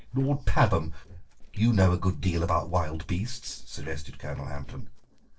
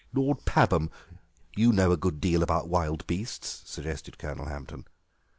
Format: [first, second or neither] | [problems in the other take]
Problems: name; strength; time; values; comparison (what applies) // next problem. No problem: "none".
second | noise reduction (neural separator model SepFormer DNS4)